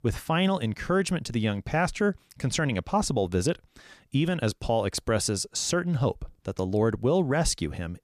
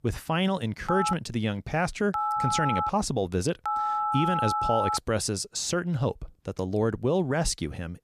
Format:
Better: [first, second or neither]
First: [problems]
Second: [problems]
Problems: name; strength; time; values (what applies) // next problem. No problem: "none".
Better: first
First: none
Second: phone ringing; loud; from 1 to 5 s; peak 2 dB above the speech